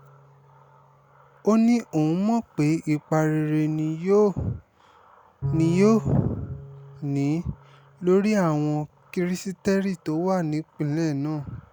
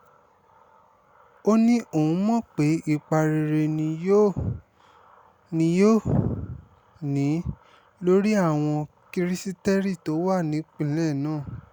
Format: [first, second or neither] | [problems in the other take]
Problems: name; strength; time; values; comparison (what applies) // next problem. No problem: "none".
second | background sound (Bowed string instrument); 16 dB below the speech